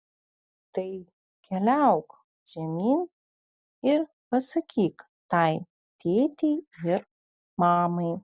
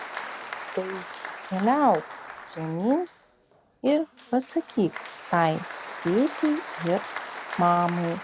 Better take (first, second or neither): first